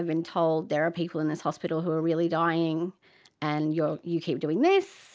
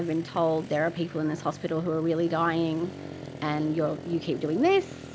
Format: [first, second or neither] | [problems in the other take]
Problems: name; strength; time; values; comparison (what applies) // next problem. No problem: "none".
first | background sound (Motorcycle); 13 dB below the speech